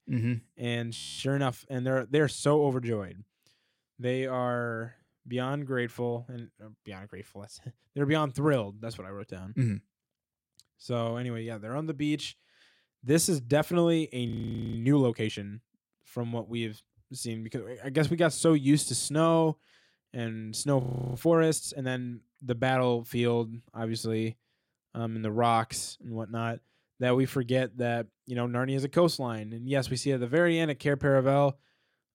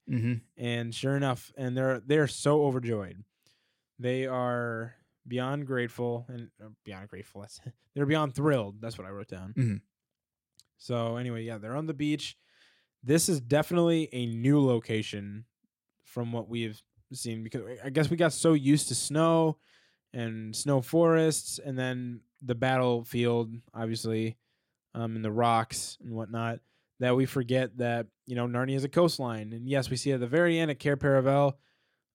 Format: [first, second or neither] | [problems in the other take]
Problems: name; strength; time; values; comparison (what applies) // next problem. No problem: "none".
second | audio freezing; at 1 s, at 14 s and at 21 s